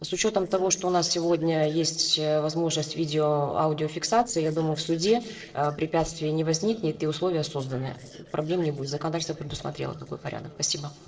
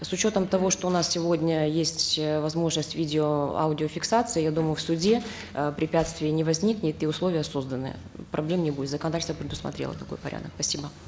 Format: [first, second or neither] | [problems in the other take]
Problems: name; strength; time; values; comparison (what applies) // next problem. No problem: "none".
second | noise reduction (neural separator model SepFormer DNS4)